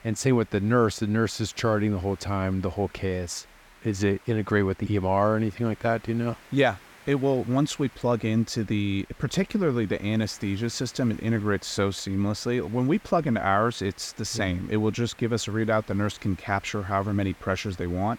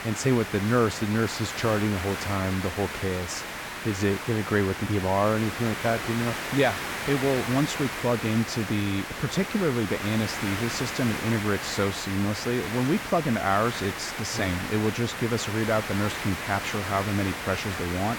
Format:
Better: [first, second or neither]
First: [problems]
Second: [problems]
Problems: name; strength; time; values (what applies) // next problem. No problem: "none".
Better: first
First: hiss; faint; throughout; 25 dB below the speech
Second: hiss; loud; throughout; 5 dB below the speech